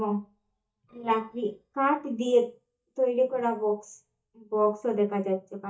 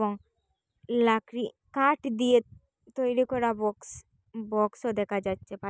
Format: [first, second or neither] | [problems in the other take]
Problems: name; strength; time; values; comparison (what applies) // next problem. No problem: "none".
second | noise reduction (neural mask model DeepFilterNet 3)